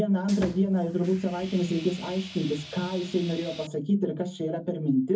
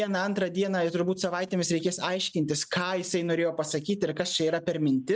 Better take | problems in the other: second | background sound (Sawing); 15 dB below the speech // room echo; dies away in 0.3 s

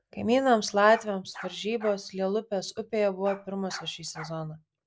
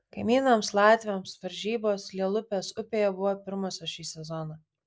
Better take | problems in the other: second | background sound (Bark); 18 dB below the speech

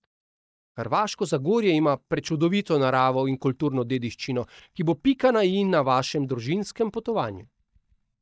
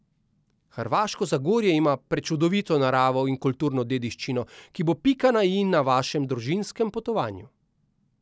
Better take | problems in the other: second | noise reduction (neural mask model DeepFilterNet 3)

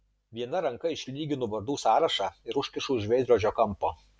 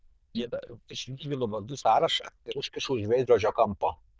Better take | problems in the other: first | noise reduction (neural diffusion model UNIVERSE++)

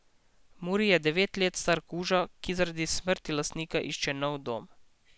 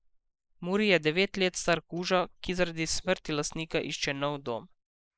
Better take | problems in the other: first | noise reduction (neural mask model Resemble Enhance denoiser)

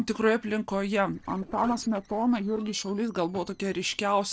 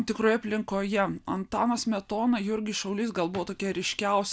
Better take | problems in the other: second | noise reduction (neural separator model SepFormer DNS4)

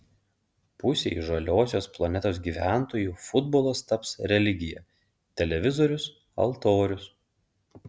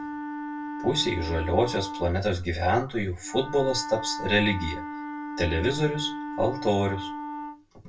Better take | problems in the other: first | background sound (Wind instrument, woodwind instrument); 8 dB below the speech // room echo; dies away in 0.2 s

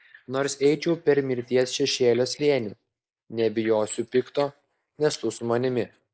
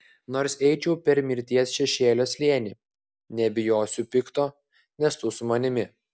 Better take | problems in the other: second | noise reduction (neural mask model Resemble Enhance denoiser)

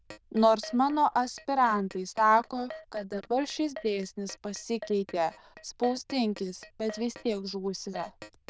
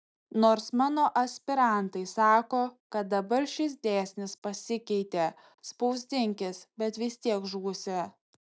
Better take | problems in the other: second | noise reduction (neural diffusion model UNIVERSE++)

